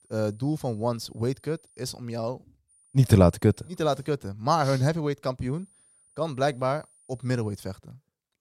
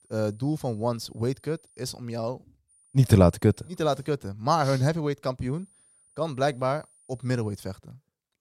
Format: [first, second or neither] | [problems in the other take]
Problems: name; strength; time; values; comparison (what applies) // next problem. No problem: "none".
neither | high-pitched whine; faint; until 2 s, from 2.5 to 4 s and from 5.5 to 7.5 s; 9.5 kHz, 30 dB below the speech; the same in both